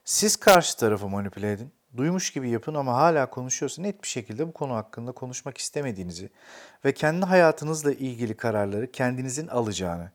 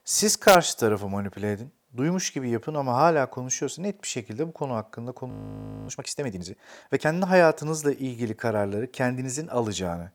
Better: first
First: none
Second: audio freezing; at 5.5 s for 0.5 s

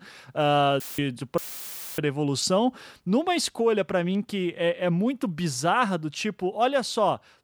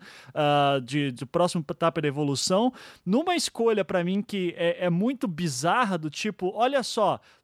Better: second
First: audio cutting out; filled with static; at 1 s and at 1.5 s for 0.5 s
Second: none

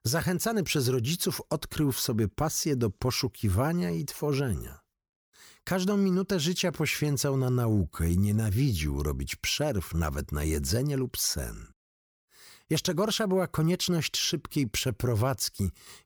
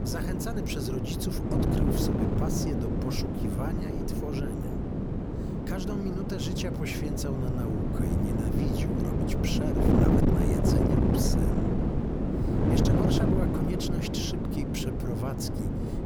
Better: first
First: none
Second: wind noise on the microphone; heavy; 4 dB above the speech

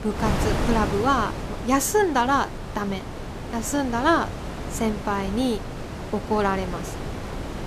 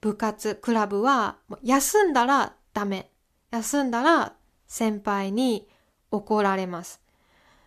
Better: second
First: wind noise on the microphone; heavy; 10 dB below the speech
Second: none

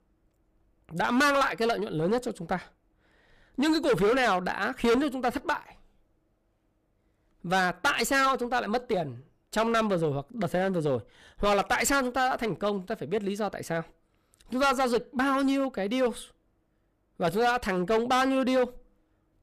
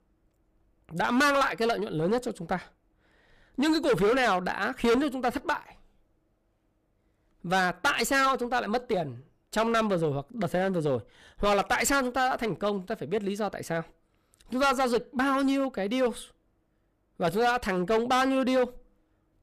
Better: neither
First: distortion; heavy; 8% of the sound clipped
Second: distortion; heavy; 8% of the sound clipped

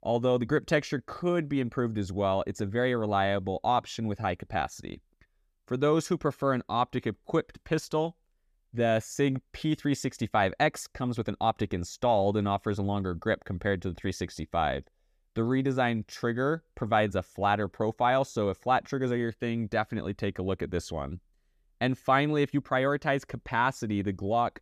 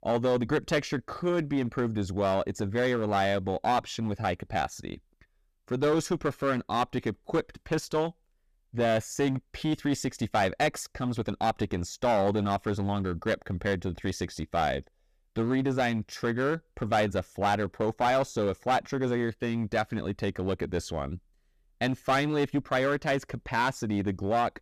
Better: first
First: none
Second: distortion; slight; 7% of the sound clipped

